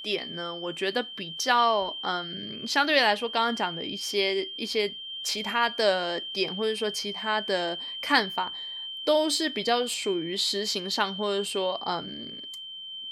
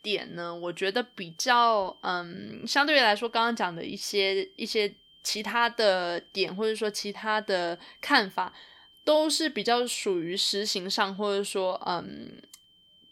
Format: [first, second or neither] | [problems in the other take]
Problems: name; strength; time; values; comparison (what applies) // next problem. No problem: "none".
second | high-pitched whine; loud; throughout; 3 kHz, 8 dB below the speech; faint in the second